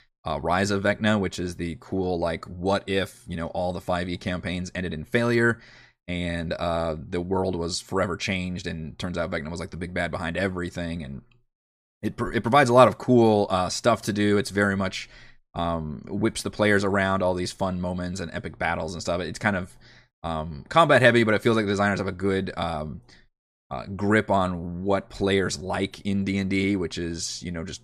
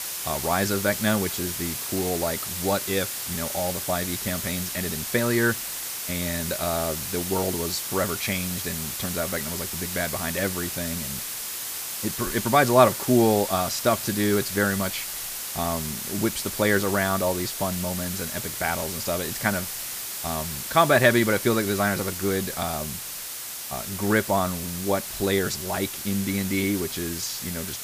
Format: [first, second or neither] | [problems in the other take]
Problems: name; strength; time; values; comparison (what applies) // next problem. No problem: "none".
first | hiss; loud; throughout; 4 dB below the speech